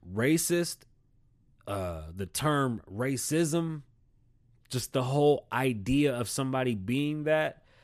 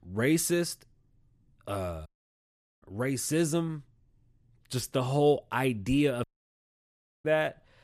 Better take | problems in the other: first | audio cutting out; at 2 s for 1 s and at 6 s for 1 s

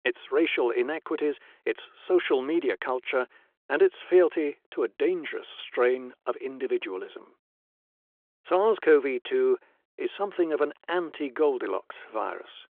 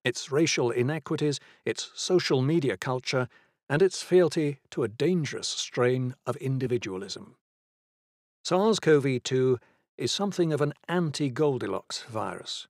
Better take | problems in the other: second | phone-call audio; nothing above 3.5 kHz

